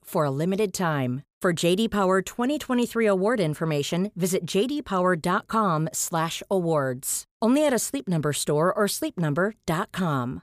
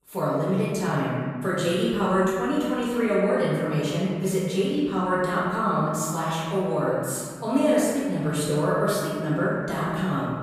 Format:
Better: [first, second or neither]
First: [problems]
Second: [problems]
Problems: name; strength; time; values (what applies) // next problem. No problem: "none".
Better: first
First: none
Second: room echo; strong; dies away in 1.8 s // off-mic speech; far